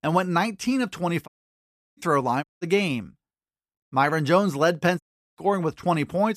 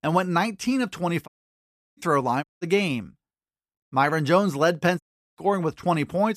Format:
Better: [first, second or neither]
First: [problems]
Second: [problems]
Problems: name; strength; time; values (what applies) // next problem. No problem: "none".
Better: neither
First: audio cutting out; at 1.5 s for 0.5 s, at 2.5 s and at 5 s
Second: audio cutting out; at 1.5 s for 0.5 s, at 2.5 s and at 5 s